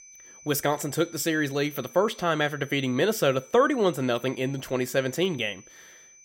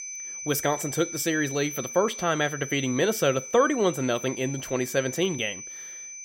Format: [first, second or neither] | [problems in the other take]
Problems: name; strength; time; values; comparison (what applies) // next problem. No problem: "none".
first | high-pitched whine; loud; throughout; 6 kHz, 9 dB below the speech; faint in the first